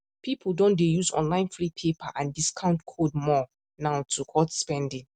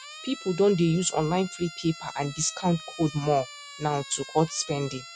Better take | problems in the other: first | background sound (Siren); 16 dB below the speech

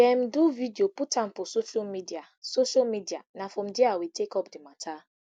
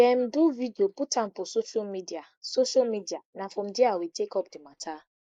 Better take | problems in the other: first | noise reduction (neural mask model Resemble Enhance denoiser)

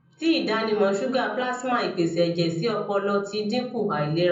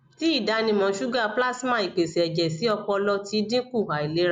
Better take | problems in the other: second | room echo; dies away in 0.6 s

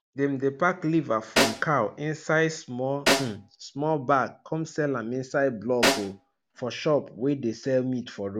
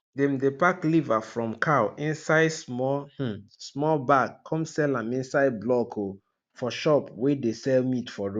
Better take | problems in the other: second | background sound (Snare drum); 2 dB below the speech

